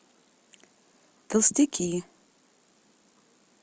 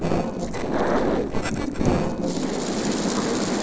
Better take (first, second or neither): first